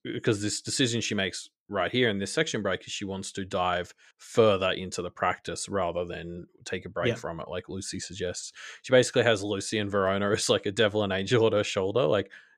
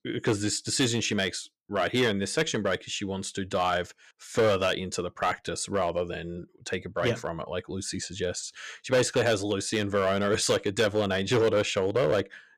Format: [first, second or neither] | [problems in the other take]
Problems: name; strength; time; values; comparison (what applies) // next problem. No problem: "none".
first | distortion; slight; 4% of the sound clipped